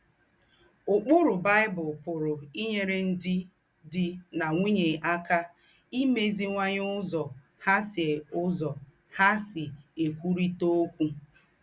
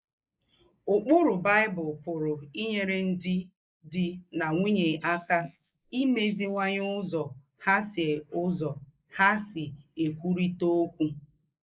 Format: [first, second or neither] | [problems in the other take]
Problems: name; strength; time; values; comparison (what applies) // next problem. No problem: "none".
first | noise reduction (neural mask model Resemble Enhance denoiser)